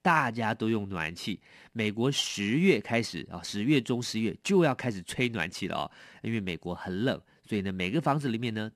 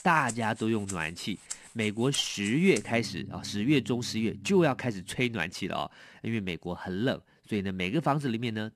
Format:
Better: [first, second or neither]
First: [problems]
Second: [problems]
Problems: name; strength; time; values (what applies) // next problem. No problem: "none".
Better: first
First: none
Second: background music; noticeable; until 5 s; 15 dB below the speech